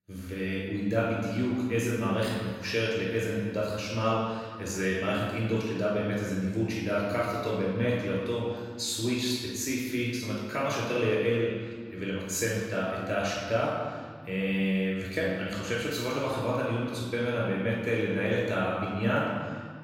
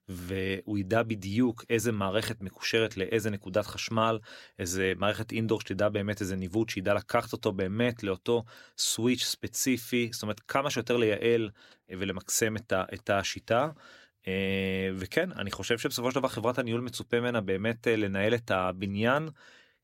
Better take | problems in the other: second | room echo; strong; dies away in 1.6 s // off-mic speech; far

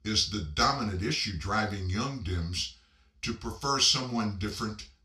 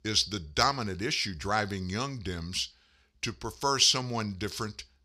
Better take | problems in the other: second | room echo; very slight; dies away in 0.3 s // off-mic speech; somewhat distant

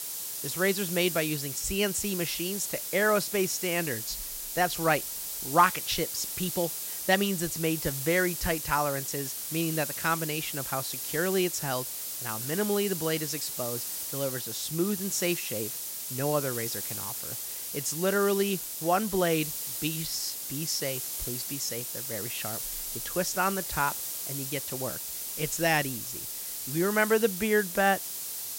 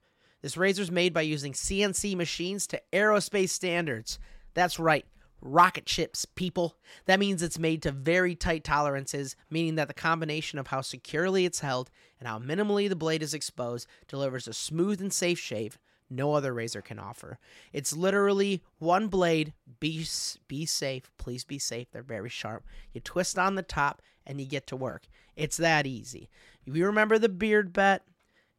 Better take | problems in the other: second | hiss; loud; throughout; 3 dB below the speech

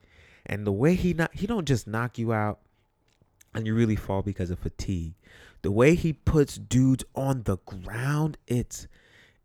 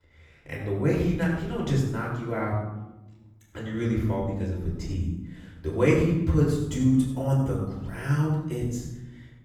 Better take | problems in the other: first | off-mic speech; far // room echo; noticeable; dies away in 0.9 s

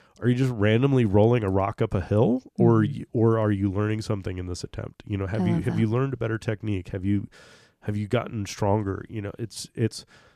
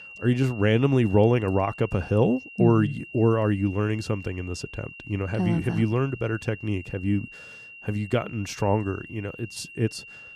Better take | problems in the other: first | high-pitched whine; noticeable; throughout; 3 kHz, 15 dB below the speech

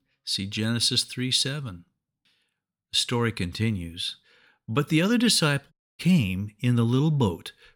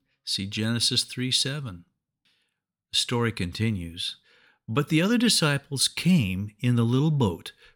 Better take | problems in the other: second | audio cutting out; at 5.5 s

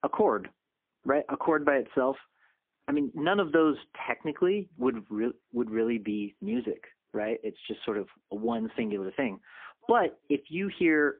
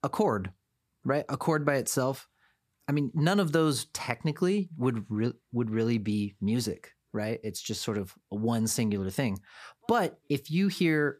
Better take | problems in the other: second | phone-call audio; poor line; nothing above 3.5 kHz

